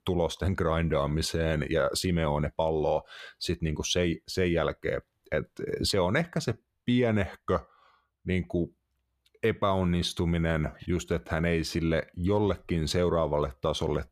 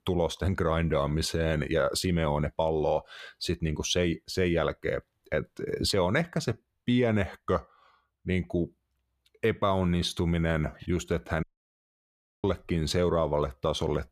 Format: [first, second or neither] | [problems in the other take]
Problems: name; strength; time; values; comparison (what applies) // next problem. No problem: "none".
first | audio cutting out; at 11 s for 1 s